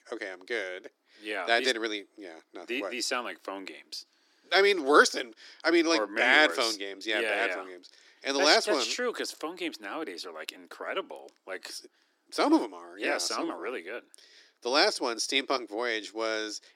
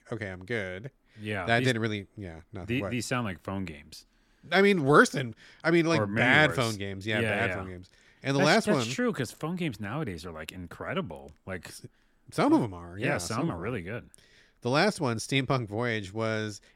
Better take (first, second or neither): second